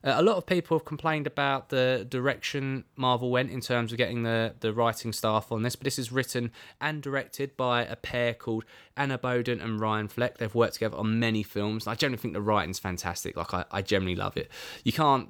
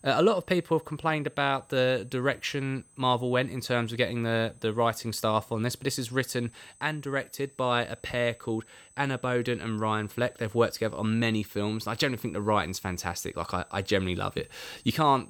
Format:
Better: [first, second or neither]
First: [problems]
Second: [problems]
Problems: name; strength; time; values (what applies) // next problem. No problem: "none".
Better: first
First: none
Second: high-pitched whine; faint; throughout; 8 kHz, 25 dB below the speech